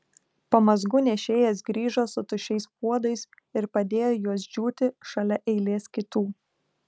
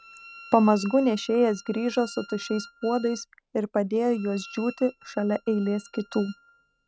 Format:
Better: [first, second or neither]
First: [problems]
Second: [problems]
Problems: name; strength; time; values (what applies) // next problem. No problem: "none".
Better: first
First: none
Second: noise reduction (neural mask model RNNoise)